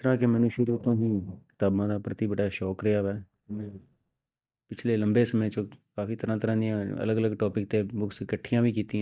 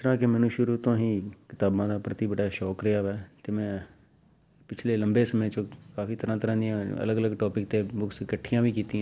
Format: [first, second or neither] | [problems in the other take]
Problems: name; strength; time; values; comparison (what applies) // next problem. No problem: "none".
second | noise reduction (neural mask model DeepFilterNet 3)